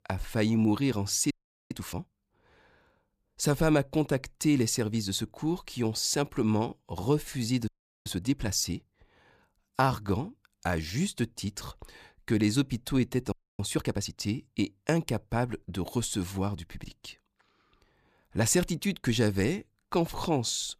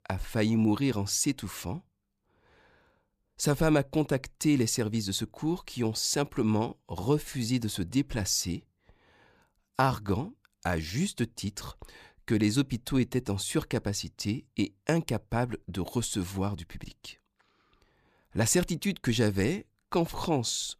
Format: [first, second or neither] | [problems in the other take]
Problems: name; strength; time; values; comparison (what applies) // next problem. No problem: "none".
second | audio freezing; at 1.5 s, at 7.5 s and at 13 s